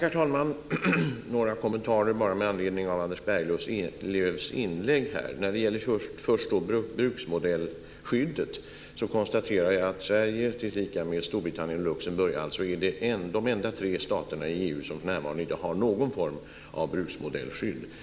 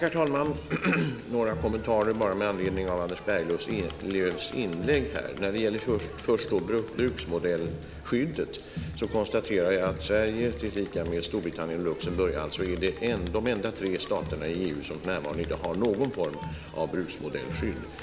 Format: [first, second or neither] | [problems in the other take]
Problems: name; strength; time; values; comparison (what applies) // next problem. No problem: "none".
first | background sound (Crowd); 11 dB below the speech